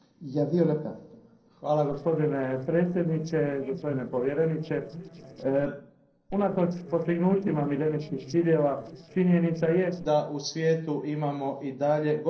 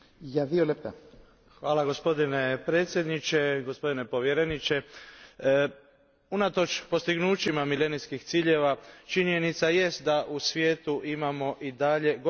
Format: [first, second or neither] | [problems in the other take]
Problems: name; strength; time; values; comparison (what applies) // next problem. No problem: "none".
second | noise reduction (neural separator model SepFormer DNS4)